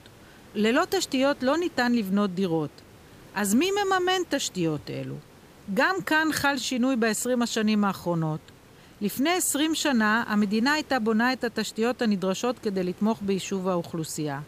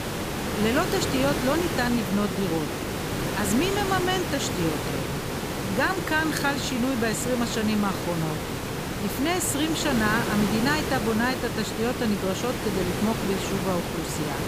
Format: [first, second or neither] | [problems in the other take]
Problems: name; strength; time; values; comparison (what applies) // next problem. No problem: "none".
first | hiss; loud; throughout; 2 dB below the speech; faint in the first